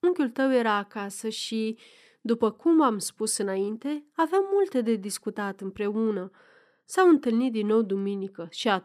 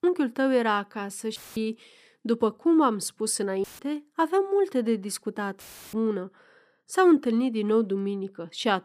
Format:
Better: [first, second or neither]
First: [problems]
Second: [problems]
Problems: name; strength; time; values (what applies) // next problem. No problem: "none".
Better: first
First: none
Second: audio cutting out; filled with static; at 1.5 s, at 3.5 s and at 5.5 s